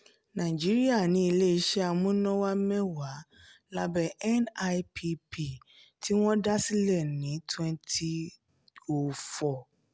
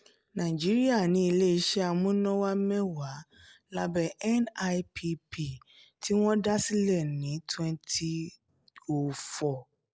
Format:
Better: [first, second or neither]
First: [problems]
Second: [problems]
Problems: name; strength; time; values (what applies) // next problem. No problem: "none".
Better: first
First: none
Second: noise reduction (neural mask model Resemble Enhance denoiser)